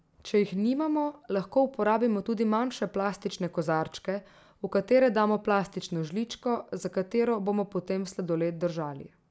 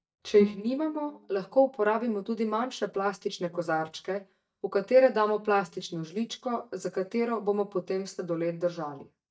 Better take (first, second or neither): first